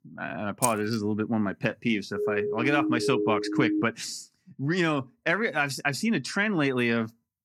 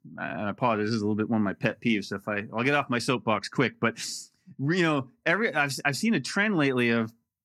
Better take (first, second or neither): second